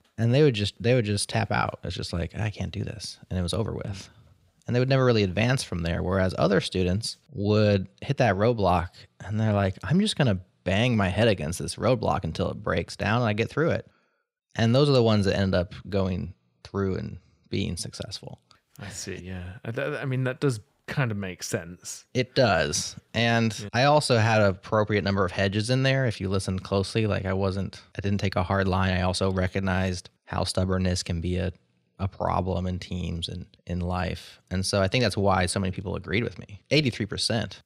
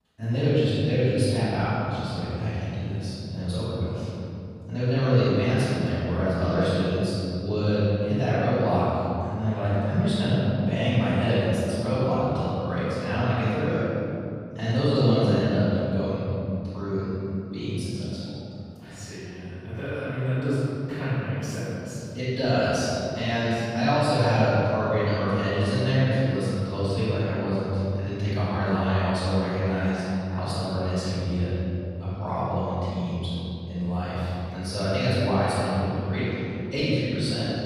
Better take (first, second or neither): first